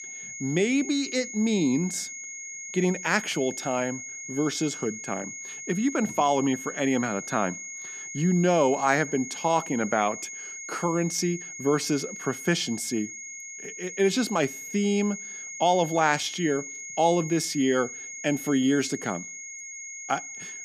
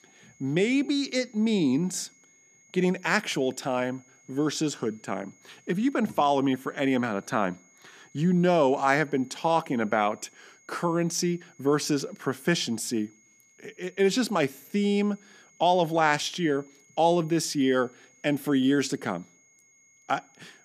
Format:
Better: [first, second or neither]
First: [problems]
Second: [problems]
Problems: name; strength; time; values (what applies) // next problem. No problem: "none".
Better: second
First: high-pitched whine; loud; throughout; 6.5 kHz, 9 dB below the speech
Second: high-pitched whine; faint; throughout; 6.5 kHz, 30 dB below the speech